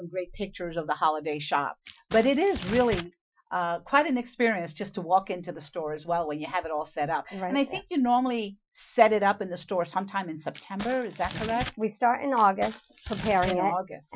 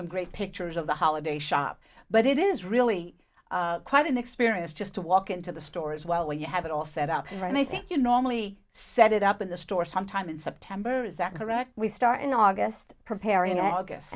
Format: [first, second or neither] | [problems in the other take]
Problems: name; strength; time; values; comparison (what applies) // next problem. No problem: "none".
second | noise reduction (classical method Wiener filter)